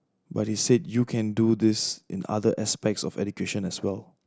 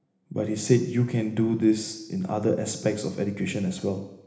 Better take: first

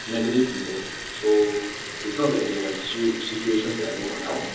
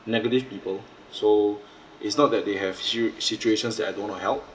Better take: second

